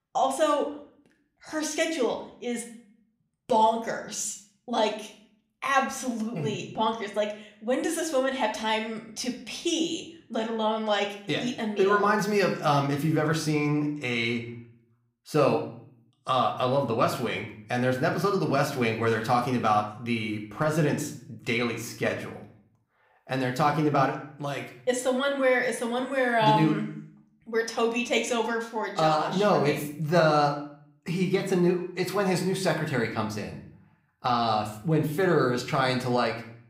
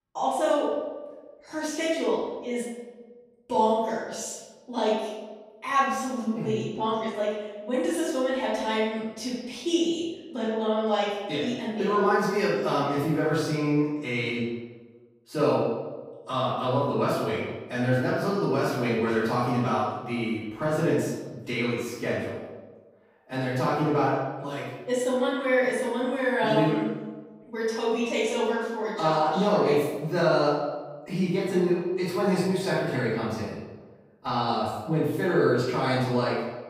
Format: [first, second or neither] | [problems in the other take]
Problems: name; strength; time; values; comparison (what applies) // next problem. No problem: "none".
first | room echo; strong; dies away in 1 s; slight in the first // off-mic speech; far; somewhat distant in the first